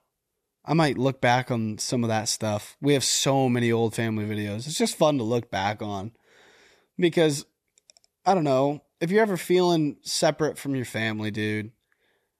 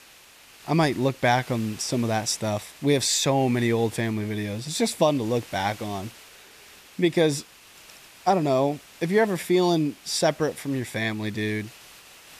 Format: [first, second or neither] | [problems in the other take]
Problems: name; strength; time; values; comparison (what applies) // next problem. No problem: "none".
first | hiss; faint; throughout; 20 dB below the speech